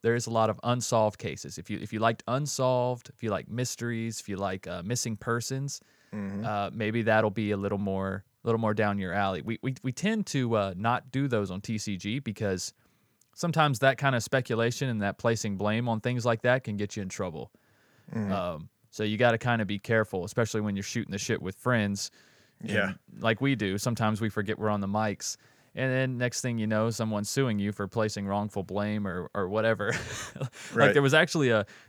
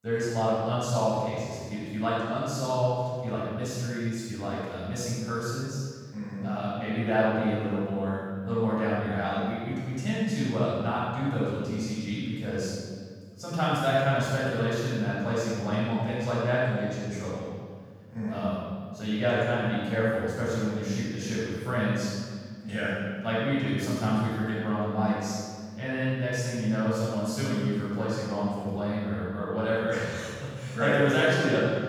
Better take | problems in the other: first | off-mic speech; far // room echo; strong; dies away in 1.7 s

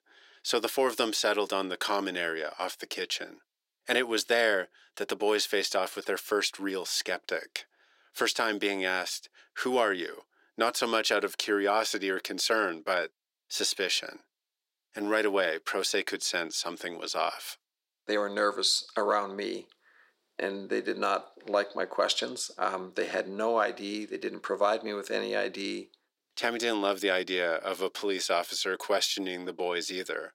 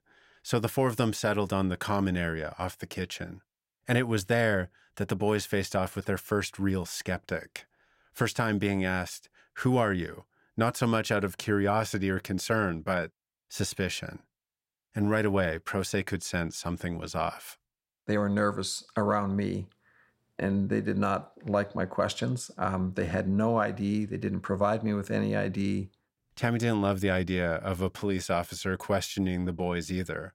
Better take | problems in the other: second | thin; somewhat; fading below 350 Hz

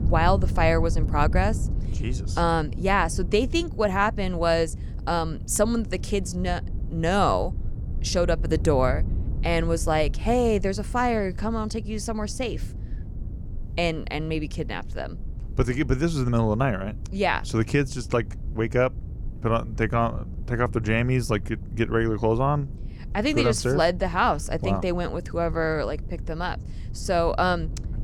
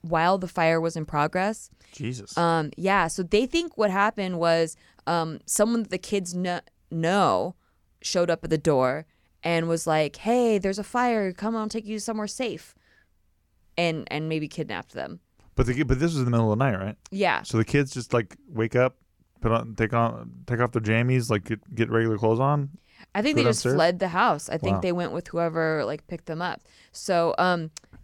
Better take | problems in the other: second | wind noise on the microphone; occasional gusts; 20 dB below the speech

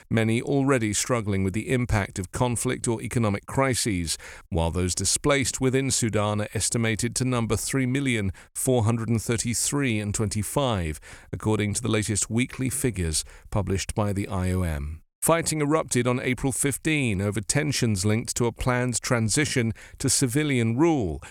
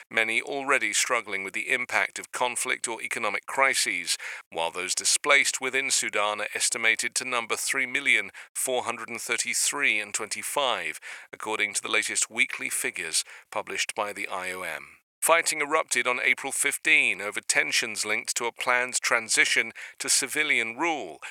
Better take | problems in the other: first | thin; very; fading below 700 Hz

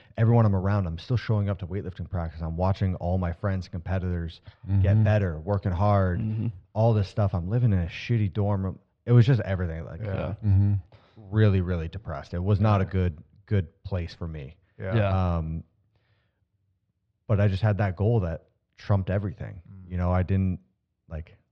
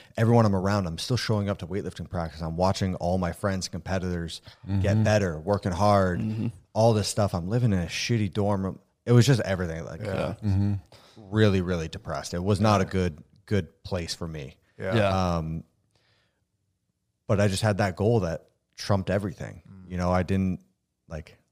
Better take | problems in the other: second | muffled; slightly; fading above 3.5 kHz

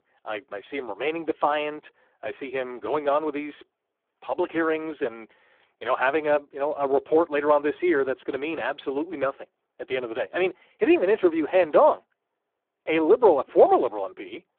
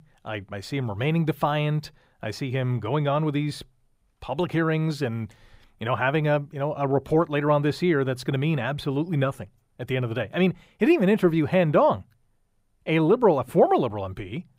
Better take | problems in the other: second | phone-call audio; poor line

